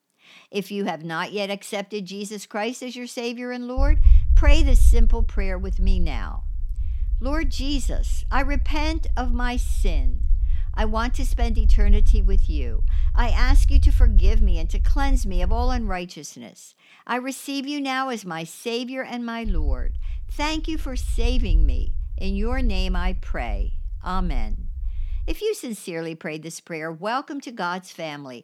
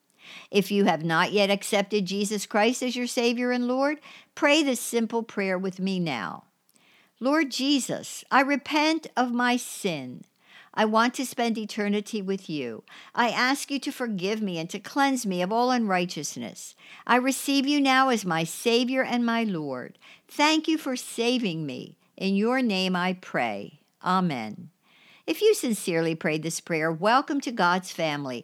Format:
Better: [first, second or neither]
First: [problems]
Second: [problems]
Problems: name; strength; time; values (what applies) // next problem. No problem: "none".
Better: second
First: low rumble; noticeable; from 4 to 16 s and from 19 to 25 s; 20 dB below the speech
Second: none